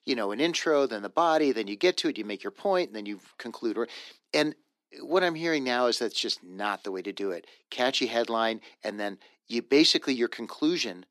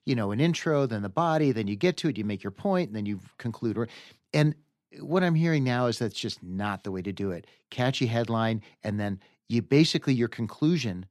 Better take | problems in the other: second | thin; somewhat; fading below 300 Hz

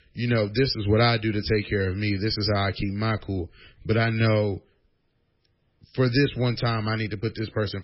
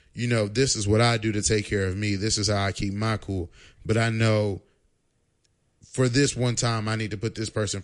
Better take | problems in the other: second | garbled, watery; badly; nothing above 5.5 kHz; slightly in the second

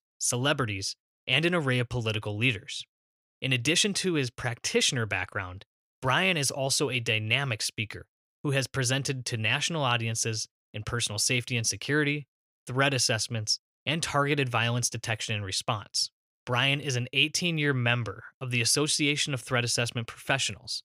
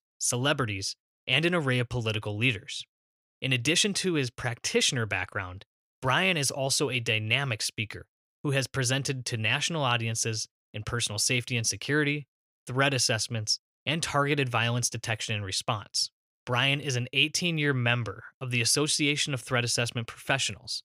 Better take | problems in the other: neither | none

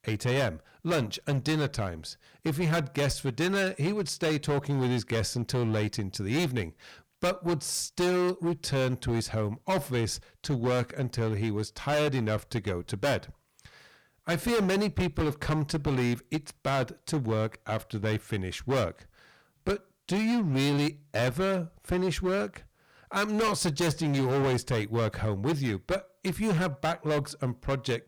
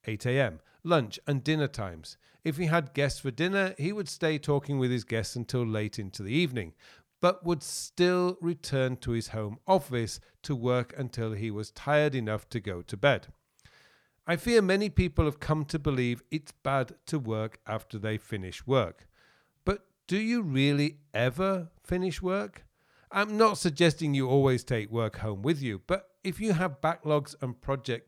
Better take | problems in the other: second | distortion; heavy; 16% of the sound clipped

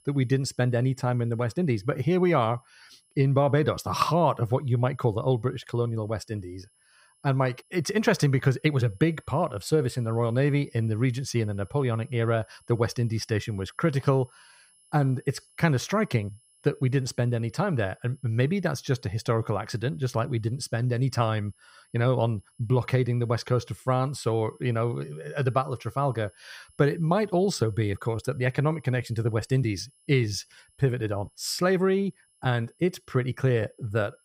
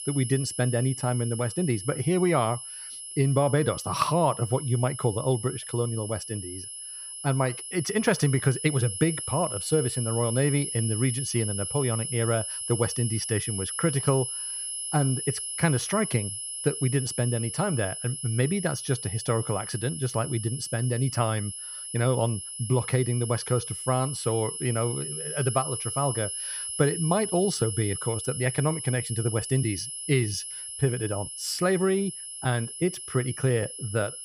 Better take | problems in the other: first | high-pitched whine; loud; throughout; 10.5 kHz, 5 dB below the speech; faint in the first

